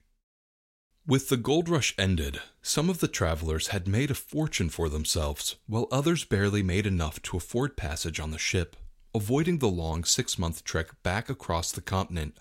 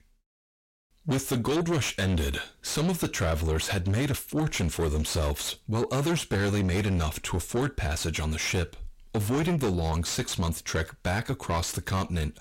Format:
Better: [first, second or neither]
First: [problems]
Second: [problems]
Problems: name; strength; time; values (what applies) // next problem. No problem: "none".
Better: first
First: none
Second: distortion; heavy; 6 dB below the speech